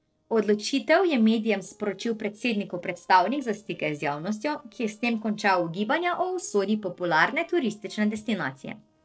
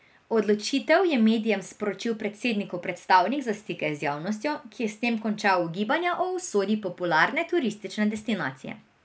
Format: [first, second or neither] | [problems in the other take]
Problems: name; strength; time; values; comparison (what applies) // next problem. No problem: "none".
second | noise reduction (neural separator model SepFormer DNS4)